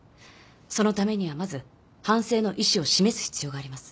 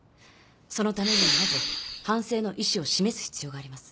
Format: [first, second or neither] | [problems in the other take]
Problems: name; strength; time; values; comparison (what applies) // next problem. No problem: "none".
first | background sound (Respiratory sounds); 4 dB above the speech